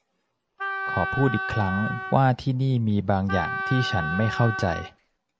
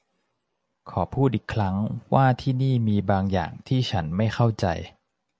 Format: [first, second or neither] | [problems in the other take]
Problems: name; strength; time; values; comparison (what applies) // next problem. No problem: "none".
second | background sound (Wind instrument, woodwind instrument); 6 dB below the speech